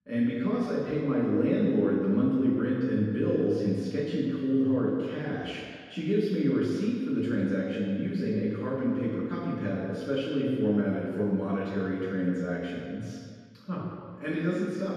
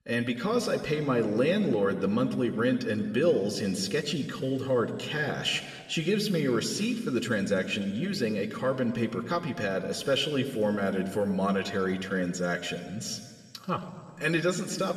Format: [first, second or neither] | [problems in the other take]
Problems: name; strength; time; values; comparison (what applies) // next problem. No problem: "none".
second | room echo; strong; dies away in 1.8 s; slight in the second // off-mic speech; far